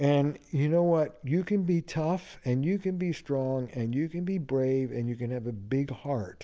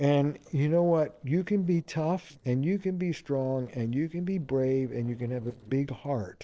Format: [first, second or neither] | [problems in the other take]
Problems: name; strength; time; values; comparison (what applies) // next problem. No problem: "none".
first | noise reduction (neural separator model SepFormer DNS4)